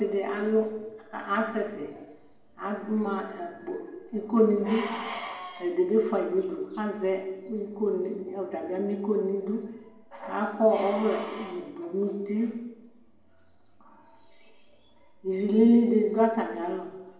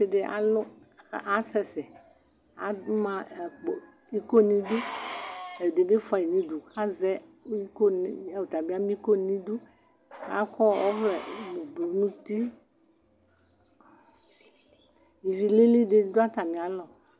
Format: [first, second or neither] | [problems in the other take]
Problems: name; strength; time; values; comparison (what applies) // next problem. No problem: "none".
second | room echo; dies away in 0.9 s